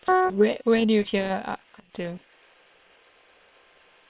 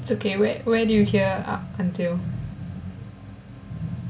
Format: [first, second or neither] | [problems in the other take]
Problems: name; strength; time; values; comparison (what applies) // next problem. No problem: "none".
second | noise reduction (neural separator model SepFormer WHAM!)